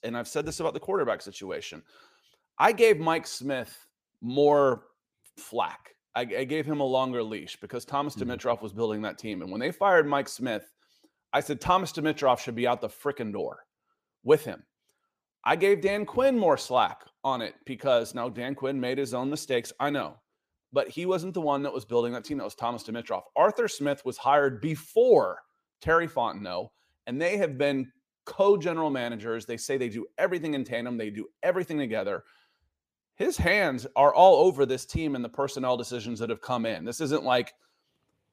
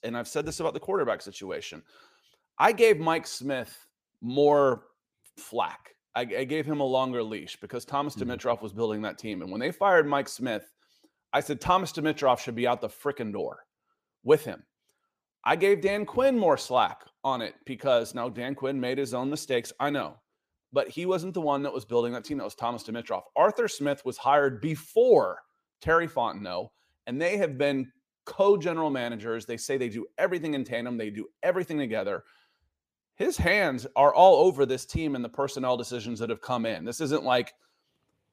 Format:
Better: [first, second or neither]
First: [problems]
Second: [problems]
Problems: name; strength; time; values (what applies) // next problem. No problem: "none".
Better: neither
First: none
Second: none